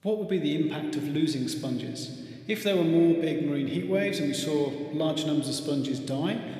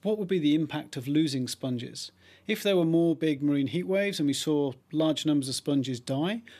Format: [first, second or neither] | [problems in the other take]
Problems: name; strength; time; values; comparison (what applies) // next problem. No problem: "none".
second | room echo; slight; dies away in 2.2 s